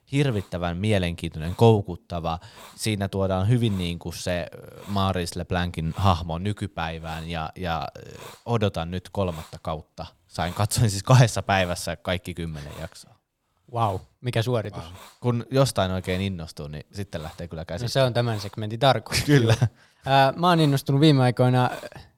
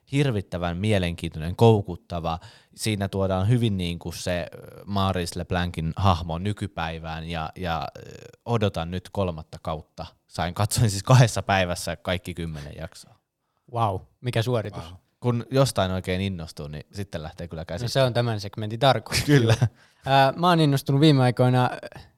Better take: second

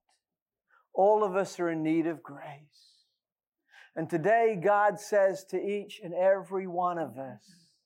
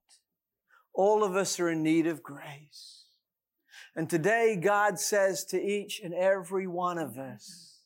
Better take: second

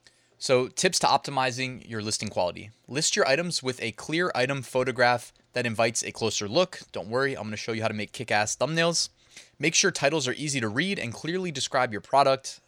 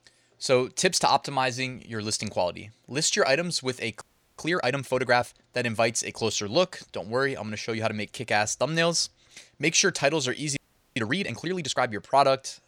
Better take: first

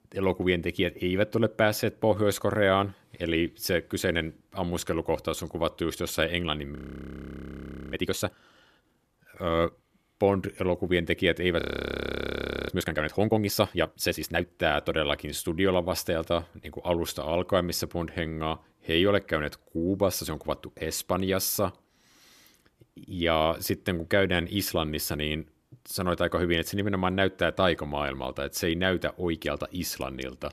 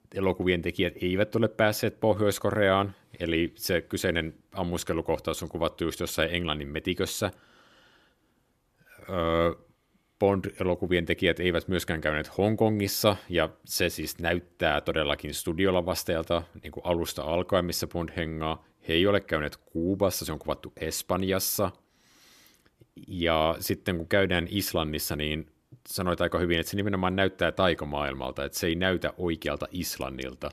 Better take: second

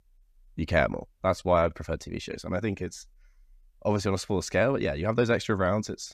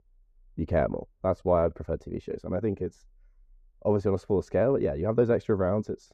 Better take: first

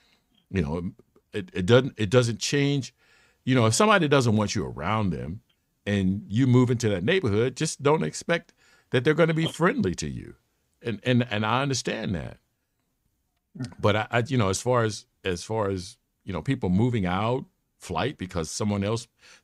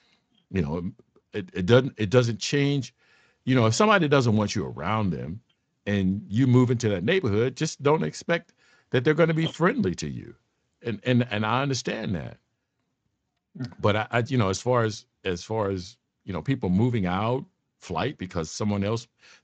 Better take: first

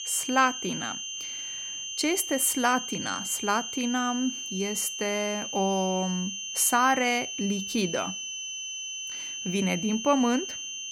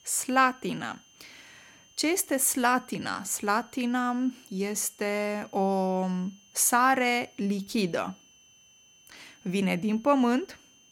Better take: second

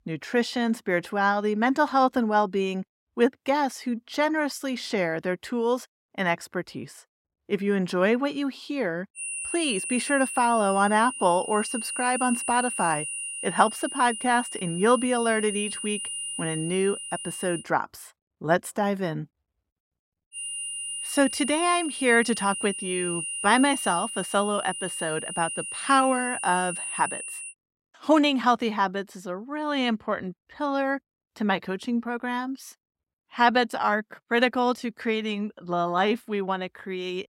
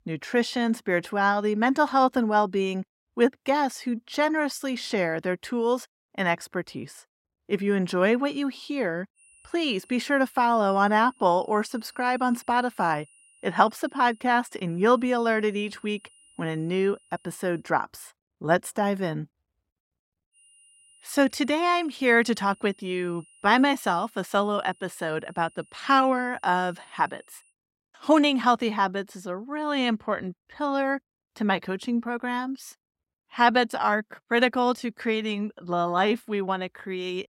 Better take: second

